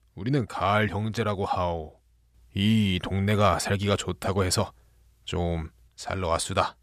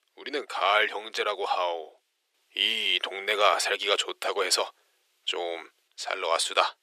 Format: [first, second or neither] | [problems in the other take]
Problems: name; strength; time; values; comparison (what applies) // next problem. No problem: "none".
first | thin; very; fading below 350 Hz